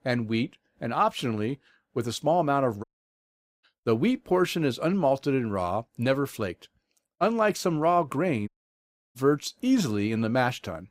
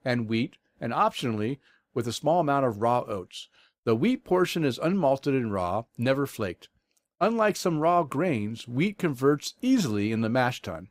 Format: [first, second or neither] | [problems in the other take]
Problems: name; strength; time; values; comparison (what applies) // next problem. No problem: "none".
second | audio cutting out; at 3 s for 1 s and at 8.5 s for 0.5 s